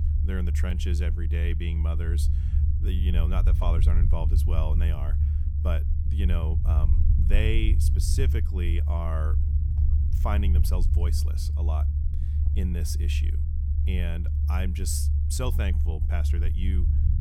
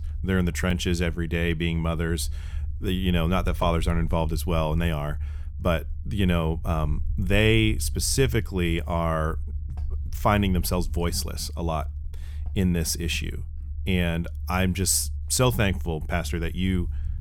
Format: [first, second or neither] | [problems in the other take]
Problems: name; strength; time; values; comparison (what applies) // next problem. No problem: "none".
second | low rumble; loud; throughout; 5 dB below the speech; faint in the second